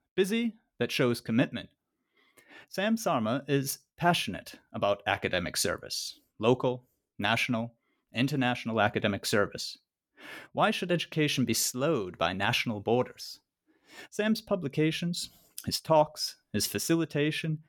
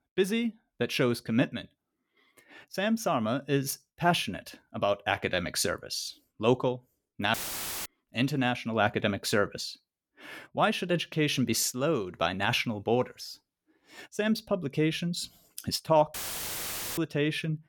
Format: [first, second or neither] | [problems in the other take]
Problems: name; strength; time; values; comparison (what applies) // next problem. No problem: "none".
first | audio cutting out; filled with static; at 7.5 s for 0.5 s and at 16 s for 1 s